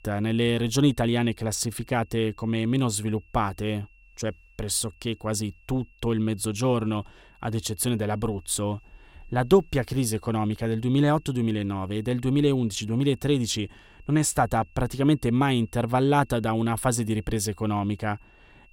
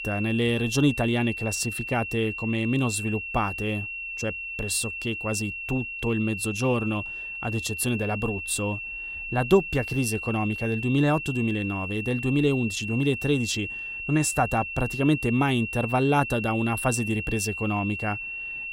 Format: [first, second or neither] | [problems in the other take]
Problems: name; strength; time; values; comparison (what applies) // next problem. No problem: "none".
first | high-pitched whine; loud; throughout; 2.5 kHz, 6 dB below the speech; faint in the first